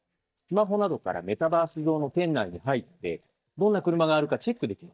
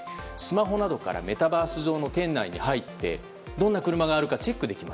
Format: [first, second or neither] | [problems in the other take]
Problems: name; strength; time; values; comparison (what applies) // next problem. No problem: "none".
second | noise reduction (neural mask model DeepFilterNet 3)